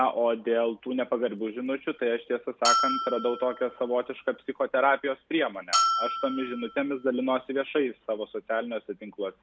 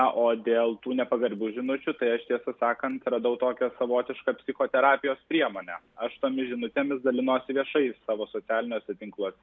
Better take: second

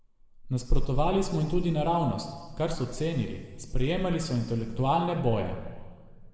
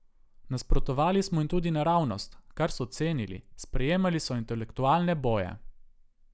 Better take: second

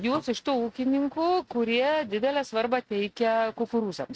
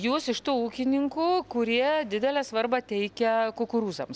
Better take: second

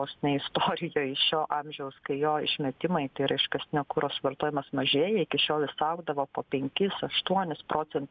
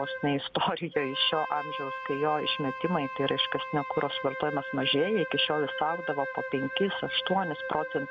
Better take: first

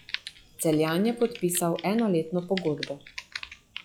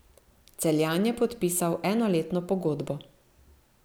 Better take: second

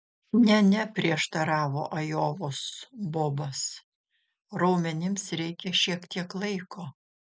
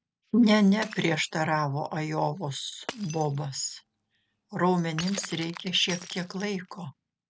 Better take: first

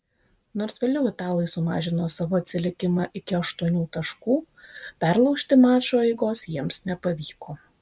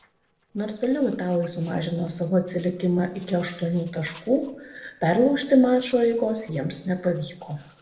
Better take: first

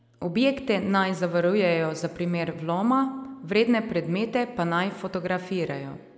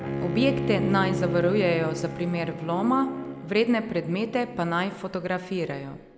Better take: first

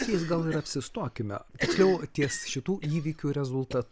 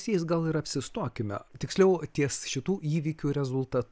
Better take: second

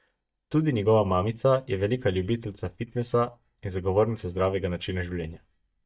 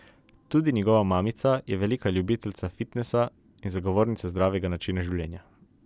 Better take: second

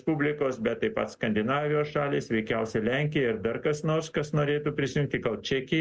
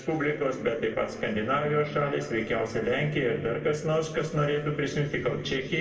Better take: first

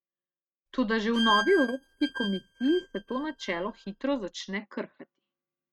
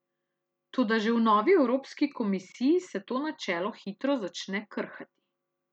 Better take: second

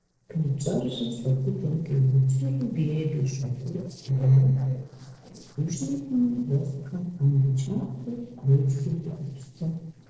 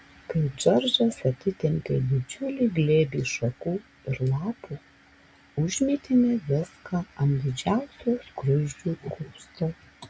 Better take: second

